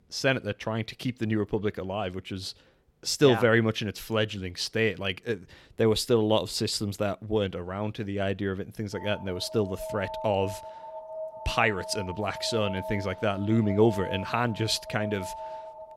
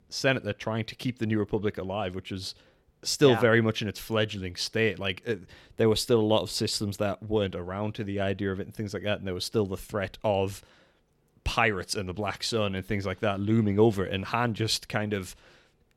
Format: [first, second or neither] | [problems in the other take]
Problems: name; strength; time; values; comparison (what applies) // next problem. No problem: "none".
second | alarm; noticeable; from 9 s on; peak 9 dB below the speech